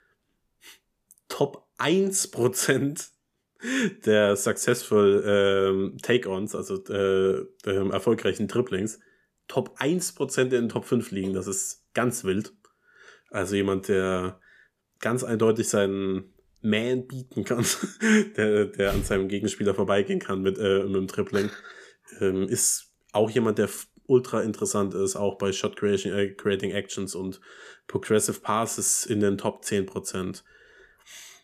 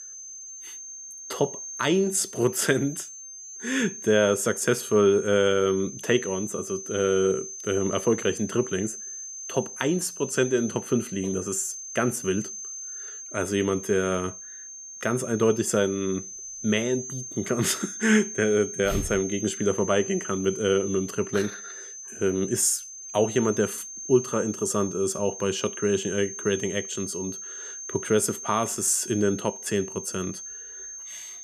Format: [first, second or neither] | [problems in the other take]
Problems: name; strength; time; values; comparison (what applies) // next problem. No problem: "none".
first | high-pitched whine; loud; throughout; 6.5 kHz, 10 dB below the speech